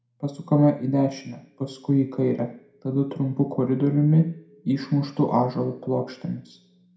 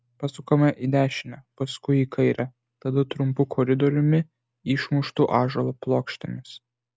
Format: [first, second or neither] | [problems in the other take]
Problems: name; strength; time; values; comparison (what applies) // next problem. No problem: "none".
second | room echo; dies away in 0.5 s